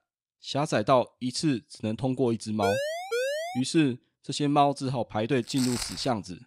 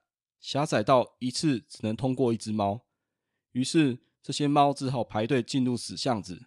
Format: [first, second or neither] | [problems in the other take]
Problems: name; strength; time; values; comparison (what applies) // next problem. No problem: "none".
second | siren; noticeable; at 2.5 s; peak 2 dB below the speech // footsteps; noticeable; at 5.5 s; peak 6 dB below the speech